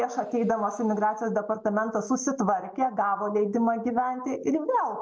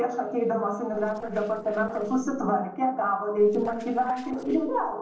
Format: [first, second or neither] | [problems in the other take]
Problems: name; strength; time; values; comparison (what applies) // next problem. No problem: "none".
first | noise reduction (neural separator model SepFormer DNS4)